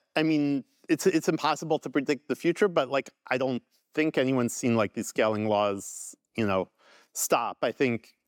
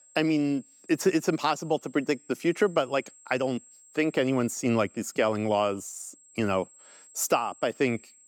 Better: first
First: none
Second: high-pitched whine; faint; throughout; 7.5 kHz, 25 dB below the speech

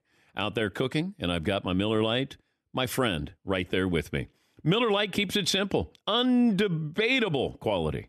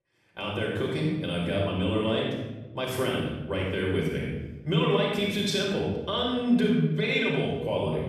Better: first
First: none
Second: off-mic speech; far // room echo; strong; dies away in 1 s

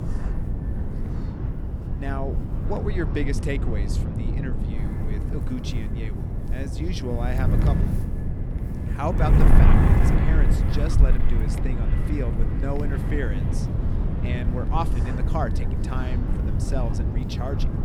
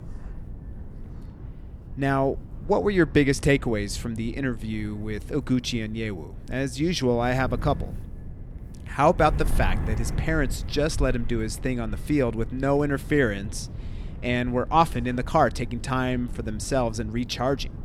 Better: second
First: wind noise on the microphone; heavy; 1 dB below the speech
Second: wind noise on the microphone; occasional gusts; 20 dB below the speech

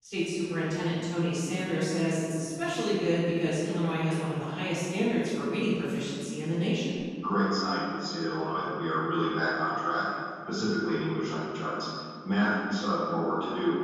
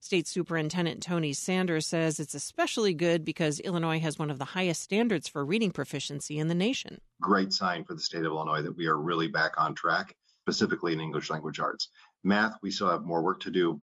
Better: second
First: off-mic speech; far // room echo; strong; dies away in 2 s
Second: none

